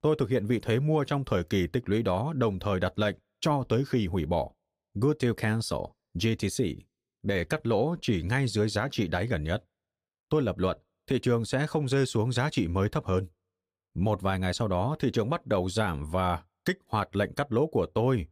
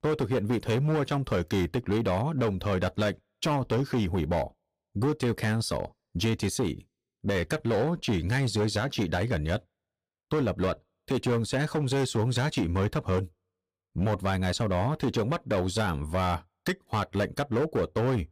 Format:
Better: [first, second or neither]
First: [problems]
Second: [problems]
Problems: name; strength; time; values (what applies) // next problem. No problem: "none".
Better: first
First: none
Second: distortion; slight; 13% of the sound clipped